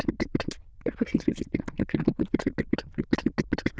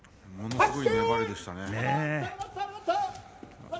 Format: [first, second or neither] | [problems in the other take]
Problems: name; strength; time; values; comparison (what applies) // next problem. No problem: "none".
second | noise reduction (neural diffusion model UNIVERSE++)